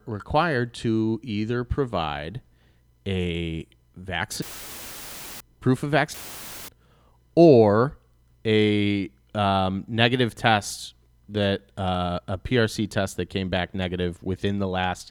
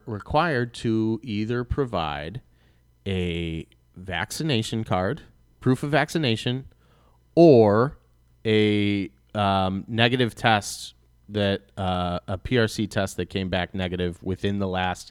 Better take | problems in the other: second | audio cutting out; filled with static; at 4.5 s for 1 s and at 6 s for 0.5 s

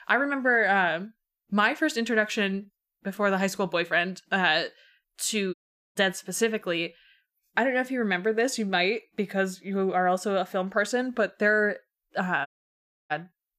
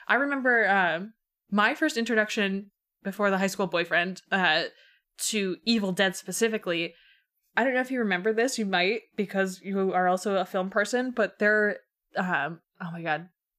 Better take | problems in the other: second | audio cutting out; at 5.5 s and at 12 s for 0.5 s

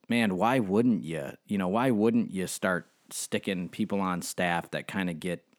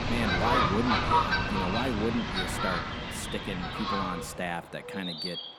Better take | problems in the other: first | animal sounds; very loud; throughout; 5 dB above the speech

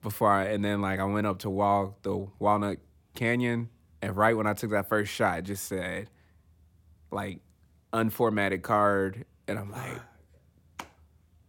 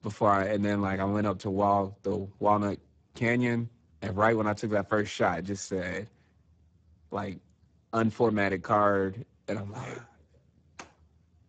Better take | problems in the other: first | garbled, watery; badly; nothing above 7.5 kHz

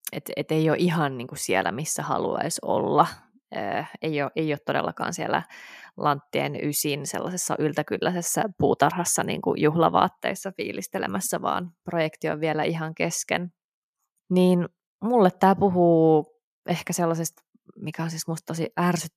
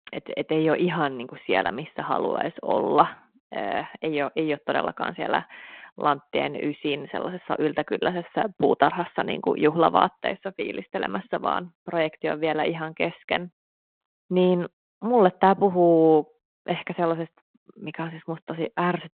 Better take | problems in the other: first | phone-call audio

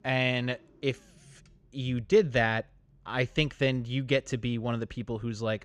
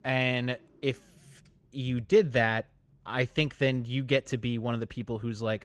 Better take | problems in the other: first | garbled, watery; slightly

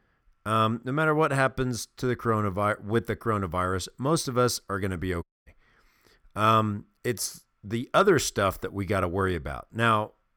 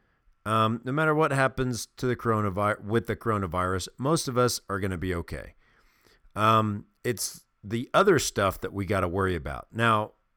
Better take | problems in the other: second | audio cutting out; at 5 s

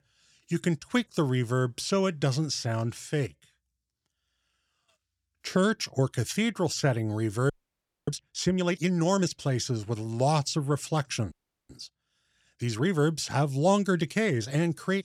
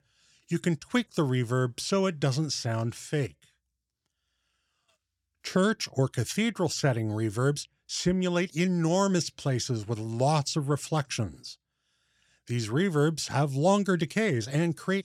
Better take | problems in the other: second | audio freezing; at 7.5 s for 0.5 s and at 11 s

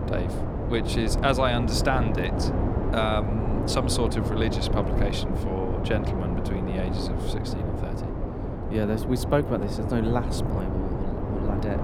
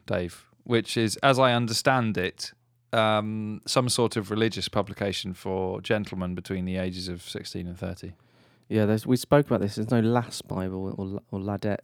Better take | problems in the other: second | wind noise on the microphone; heavy; 4 dB below the speech

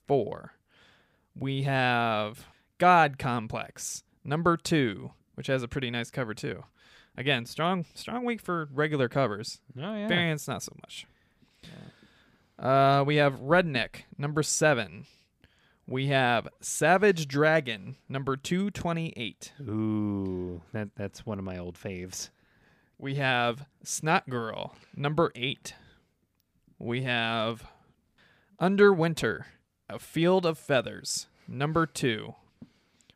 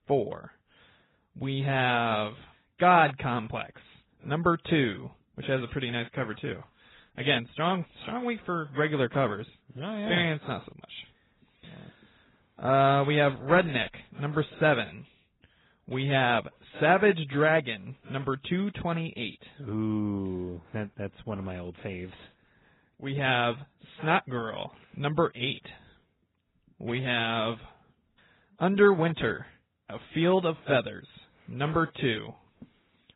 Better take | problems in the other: first | garbled, watery; badly; nothing above 4 kHz

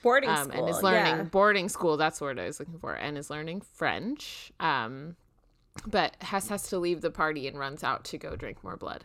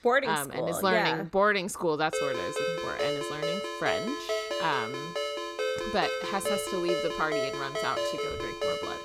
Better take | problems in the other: first | phone ringing; noticeable; from 2 s on; peak 1 dB below the speech

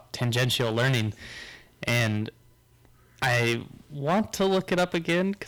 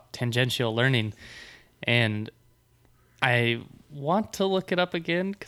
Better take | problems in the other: second | distortion; heavy; 7% of the sound clipped

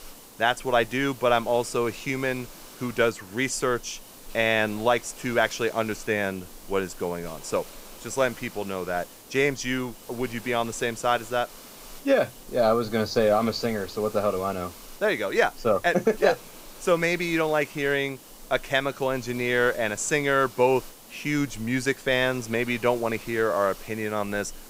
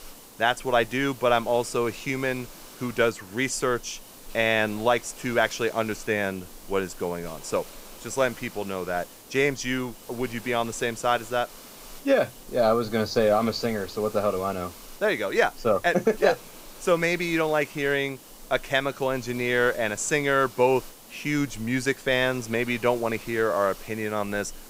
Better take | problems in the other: neither | hiss; noticeable; throughout; 20 dB below the speech; the same in both

